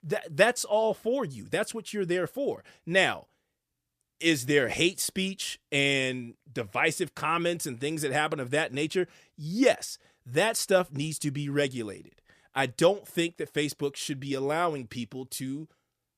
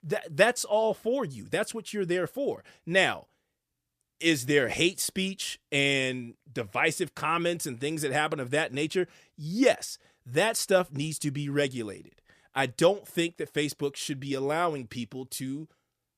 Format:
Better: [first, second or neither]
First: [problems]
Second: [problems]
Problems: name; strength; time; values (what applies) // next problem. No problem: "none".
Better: neither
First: none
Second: none